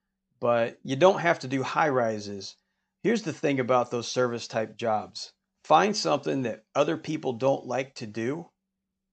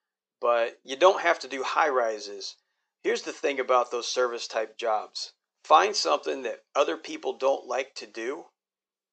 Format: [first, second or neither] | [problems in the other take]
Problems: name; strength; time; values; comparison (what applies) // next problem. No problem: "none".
first | thin; very; fading below 400 Hz